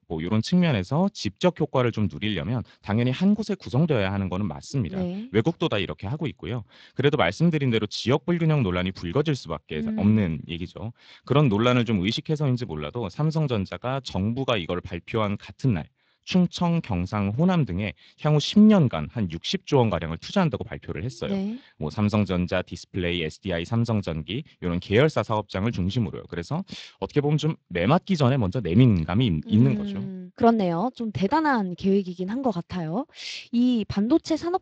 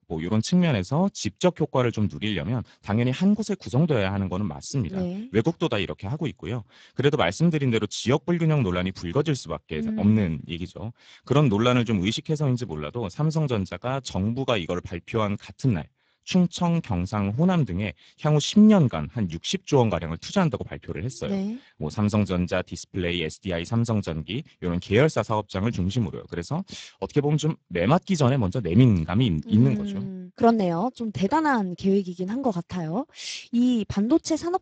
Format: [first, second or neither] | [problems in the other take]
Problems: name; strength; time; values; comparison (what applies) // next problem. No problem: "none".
first | garbled, watery; badly; nothing above 7.5 kHz; slightly in the first